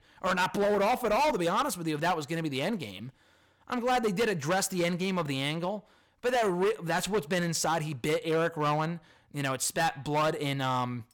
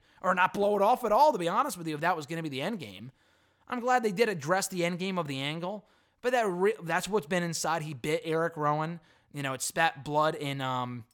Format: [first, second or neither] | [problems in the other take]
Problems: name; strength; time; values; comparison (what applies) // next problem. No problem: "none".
second | distortion; heavy; 11% of the sound clipped